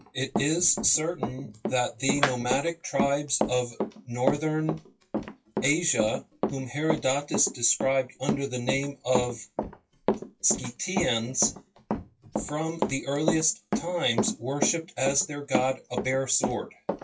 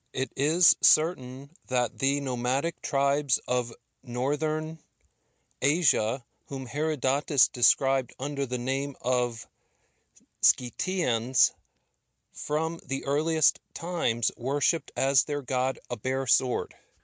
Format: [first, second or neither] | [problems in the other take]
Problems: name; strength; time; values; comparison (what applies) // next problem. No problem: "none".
second | noise reduction (classical method WPE with log-MMSE)